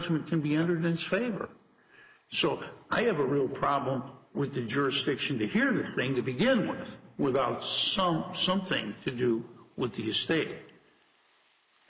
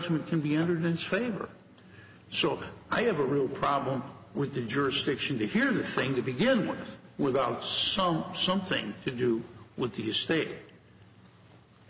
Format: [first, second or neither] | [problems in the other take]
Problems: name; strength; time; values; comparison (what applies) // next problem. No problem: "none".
second | noise reduction (neural mask model Resemble Enhance denoiser)